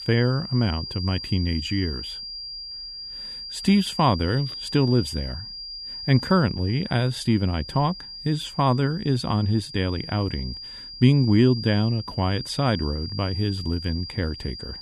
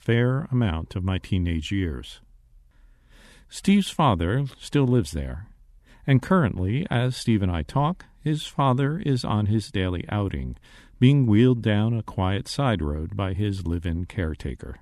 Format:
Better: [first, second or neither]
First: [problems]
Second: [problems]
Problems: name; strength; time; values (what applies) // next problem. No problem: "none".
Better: second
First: high-pitched whine; loud; throughout; 5 kHz, 10 dB below the speech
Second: none